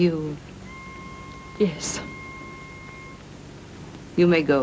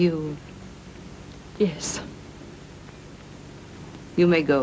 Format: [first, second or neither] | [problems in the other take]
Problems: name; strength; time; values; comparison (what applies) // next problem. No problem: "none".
second | background sound (Wind instrument, woodwind instrument); 19 dB below the speech